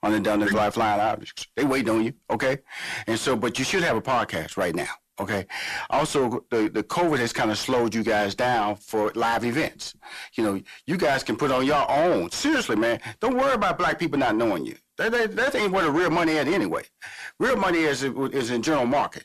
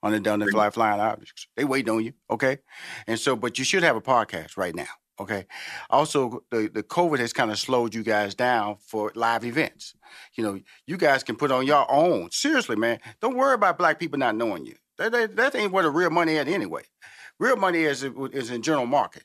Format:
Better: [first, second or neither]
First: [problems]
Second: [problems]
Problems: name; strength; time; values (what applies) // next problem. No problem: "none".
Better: second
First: distortion; heavy; 6 dB below the speech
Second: none